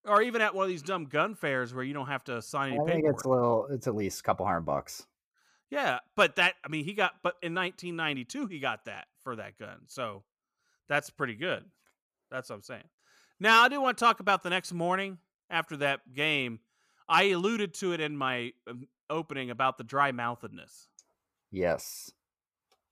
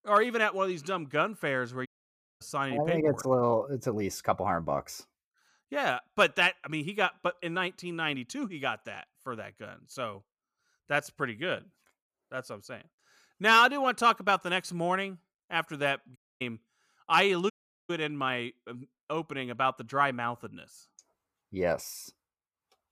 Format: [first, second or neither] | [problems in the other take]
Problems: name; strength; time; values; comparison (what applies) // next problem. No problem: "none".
first | audio cutting out; at 2 s for 0.5 s, at 16 s and at 18 s